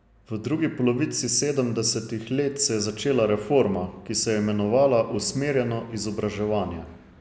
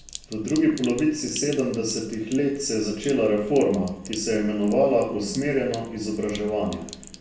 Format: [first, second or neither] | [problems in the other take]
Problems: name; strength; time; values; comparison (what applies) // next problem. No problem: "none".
first | background sound (Sink (filling or washing)); 19 dB below the speech // room echo; dies away in 0.3 s